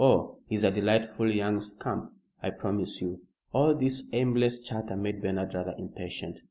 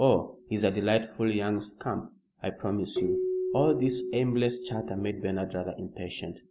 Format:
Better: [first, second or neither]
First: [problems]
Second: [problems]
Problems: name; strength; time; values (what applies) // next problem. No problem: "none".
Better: first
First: none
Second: background sound (Keyboard (musical)); 7 dB below the speech